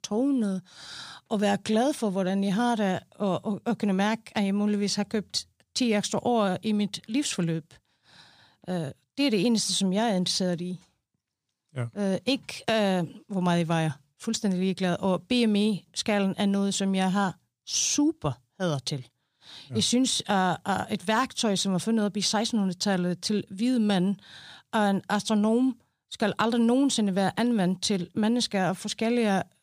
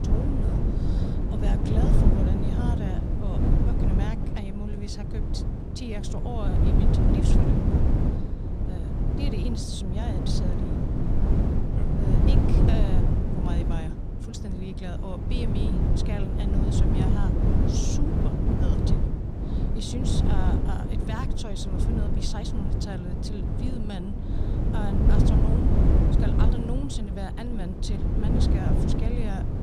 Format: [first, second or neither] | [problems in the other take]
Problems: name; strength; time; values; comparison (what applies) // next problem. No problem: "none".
first | wind noise on the microphone; heavy; 4 dB above the speech